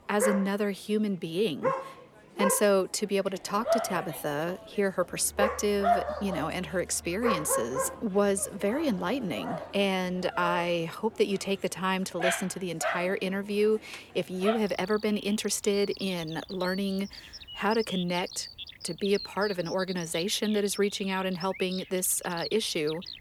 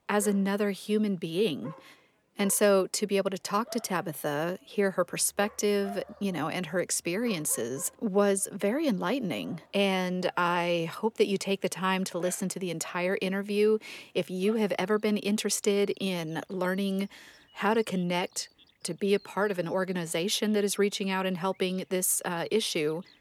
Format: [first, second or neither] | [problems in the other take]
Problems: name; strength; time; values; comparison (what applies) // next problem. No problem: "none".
second | animal sounds; loud; throughout; 6 dB below the speech; faint in the second